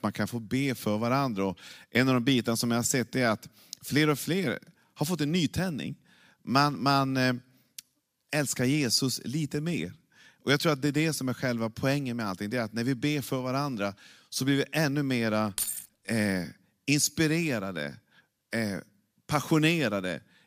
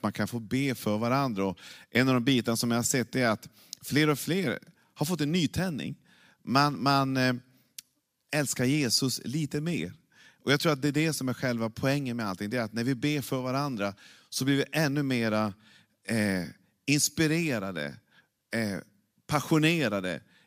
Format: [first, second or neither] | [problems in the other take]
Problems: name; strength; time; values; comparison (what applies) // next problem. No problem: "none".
second | jangling keys; noticeable; at 16 s; peak 3 dB below the speech